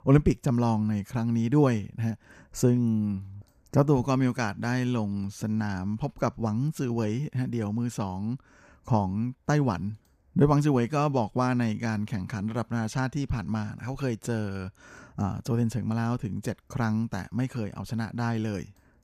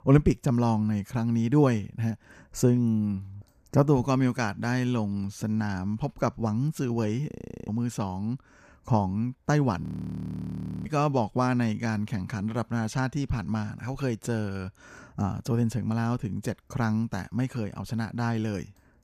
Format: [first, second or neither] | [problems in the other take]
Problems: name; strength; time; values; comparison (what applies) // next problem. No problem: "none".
first | audio freezing; at 7.5 s and at 10 s for 1 s